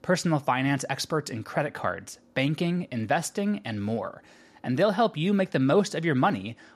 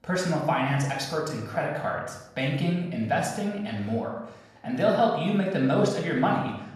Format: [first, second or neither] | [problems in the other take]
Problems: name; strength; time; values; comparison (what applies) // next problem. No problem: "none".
first | off-mic speech; far // room echo; noticeable; dies away in 0.7 s